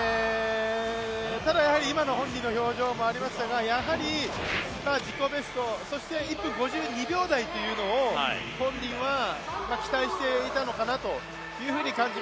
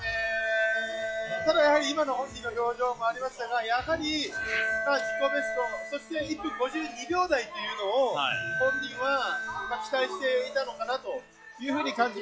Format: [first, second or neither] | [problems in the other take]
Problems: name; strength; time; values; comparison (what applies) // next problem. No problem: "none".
first | noise reduction (classical method log-MMSE)